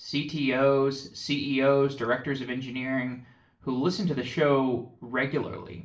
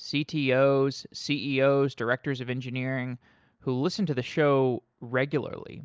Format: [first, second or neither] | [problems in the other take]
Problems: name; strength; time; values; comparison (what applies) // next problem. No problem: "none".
second | room echo; dies away in 0.4 s